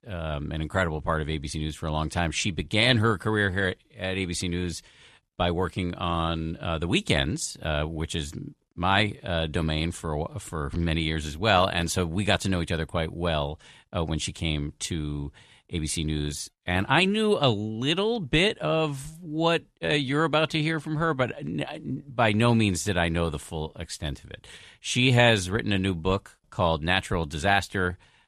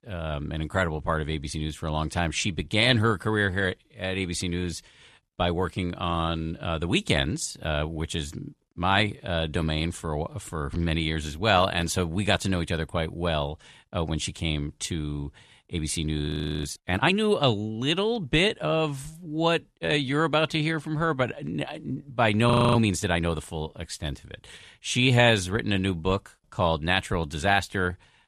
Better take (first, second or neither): first